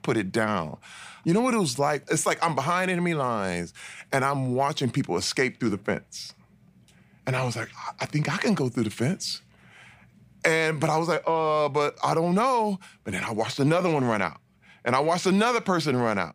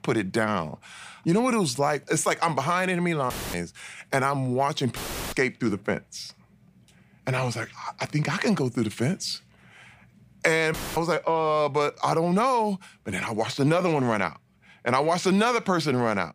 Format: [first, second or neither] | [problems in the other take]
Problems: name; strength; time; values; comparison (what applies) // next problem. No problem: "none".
first | audio cutting out; filled with static; at 3.5 s, at 5 s and at 11 s